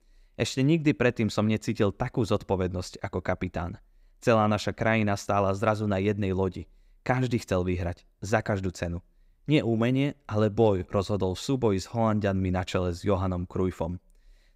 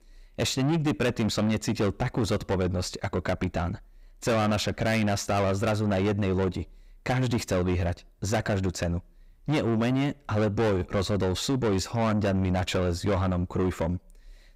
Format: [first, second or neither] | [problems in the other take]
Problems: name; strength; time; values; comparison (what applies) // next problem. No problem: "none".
first | distortion; heavy; 6 dB below the speech